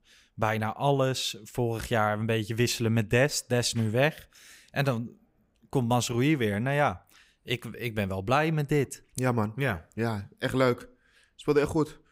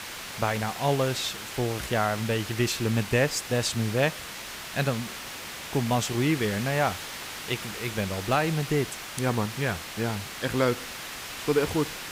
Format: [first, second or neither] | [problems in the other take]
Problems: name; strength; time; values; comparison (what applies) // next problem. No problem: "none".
first | hiss; loud; throughout; 8 dB below the speech